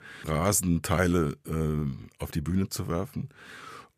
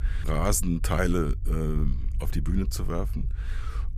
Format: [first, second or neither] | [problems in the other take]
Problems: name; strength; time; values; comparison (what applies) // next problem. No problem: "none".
first | low rumble; faint; throughout; 20 dB below the speech